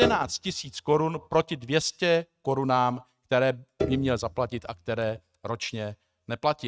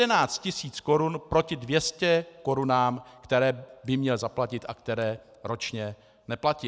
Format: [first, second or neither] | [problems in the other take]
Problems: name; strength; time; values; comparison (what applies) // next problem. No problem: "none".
second | noise reduction (neural mask model RNNoise)